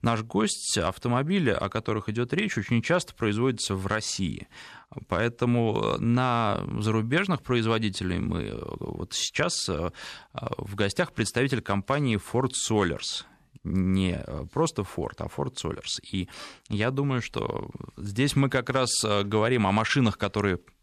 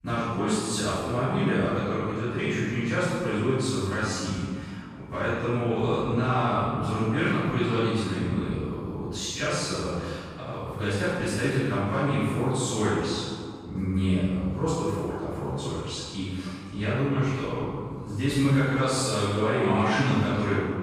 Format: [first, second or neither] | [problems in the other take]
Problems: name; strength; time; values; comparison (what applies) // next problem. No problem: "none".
first | off-mic speech; far // room echo; strong; dies away in 1.9 s